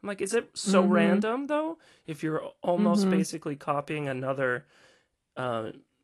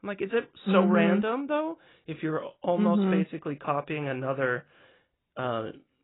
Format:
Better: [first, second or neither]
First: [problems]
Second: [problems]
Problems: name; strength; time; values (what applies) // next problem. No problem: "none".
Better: first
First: garbled, watery; slightly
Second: garbled, watery; badly; nothing above 4 kHz